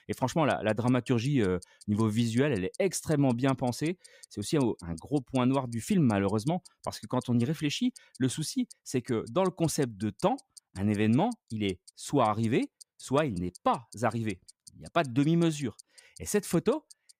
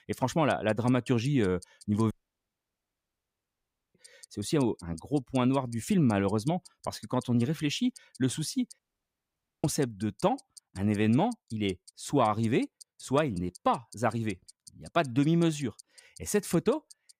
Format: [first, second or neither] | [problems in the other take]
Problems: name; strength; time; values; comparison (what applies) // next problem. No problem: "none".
first | audio cutting out; at 2 s for 2 s and at 9 s for 1 s